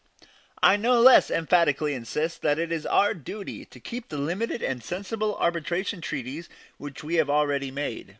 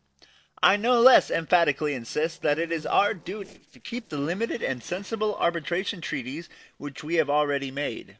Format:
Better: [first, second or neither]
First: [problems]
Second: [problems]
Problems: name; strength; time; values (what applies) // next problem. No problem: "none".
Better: first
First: none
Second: noise reduction (neural separator model SepFormer DNS4)